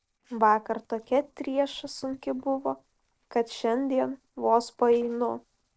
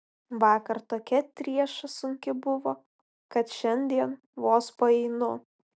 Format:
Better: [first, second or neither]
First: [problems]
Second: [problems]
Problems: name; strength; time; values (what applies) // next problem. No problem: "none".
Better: second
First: noise reduction (neural separator model SepFormer DNS4)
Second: none